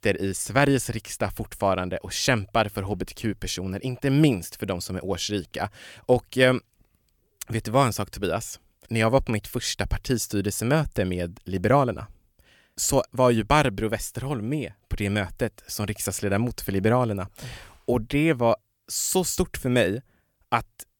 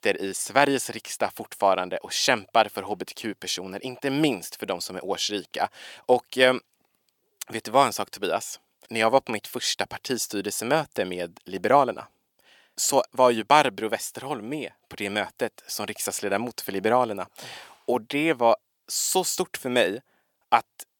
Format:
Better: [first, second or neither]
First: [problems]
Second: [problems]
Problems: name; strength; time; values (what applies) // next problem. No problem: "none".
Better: first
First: none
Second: thin; somewhat; fading below 300 Hz